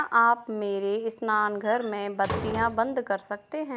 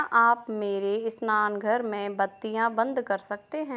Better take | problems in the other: second | background sound (Slam); 10 dB below the speech

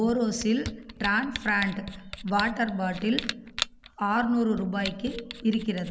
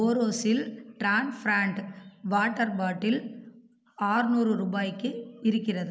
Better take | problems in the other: second | background sound (Camera); 12 dB below the speech

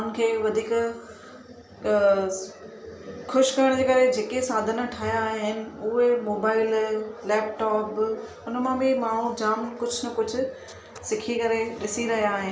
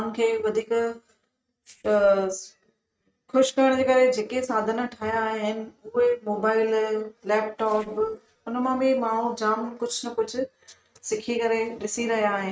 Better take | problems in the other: first | noise reduction (neural mask model RNNoise)

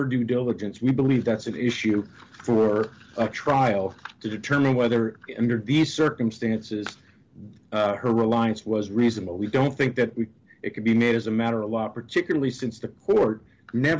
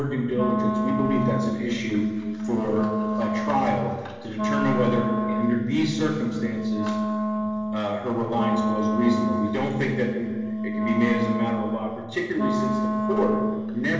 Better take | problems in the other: first | background sound (Wind instrument, woodwind instrument); as loud as the speech // room echo; dies away in 1.3 s

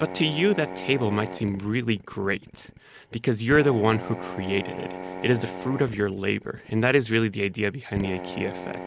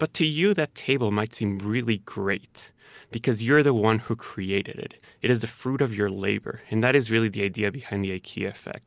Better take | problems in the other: second | background sound (Drill); 12 dB below the speech

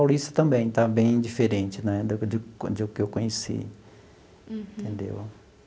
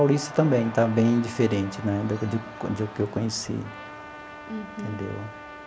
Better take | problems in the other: first | background sound (Crowd / Cheering + Trumpet); 14 dB below the speech

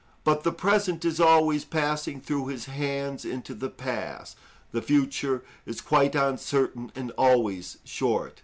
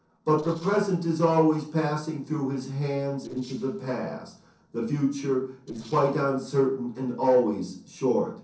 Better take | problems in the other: first | noise reduction (neural separator model SepFormer DNS4)

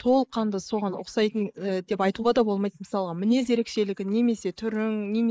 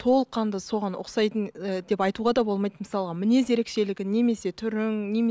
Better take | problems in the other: second | noise reduction (neural mask model Resemble Enhance denoiser)

